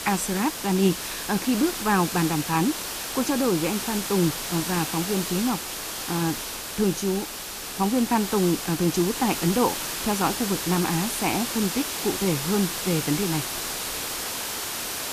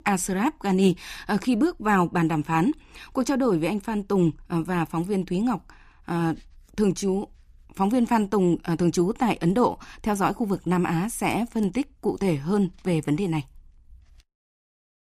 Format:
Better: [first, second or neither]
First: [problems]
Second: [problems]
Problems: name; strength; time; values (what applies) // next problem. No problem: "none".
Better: second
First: hiss; loud; throughout; 3 dB below the speech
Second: none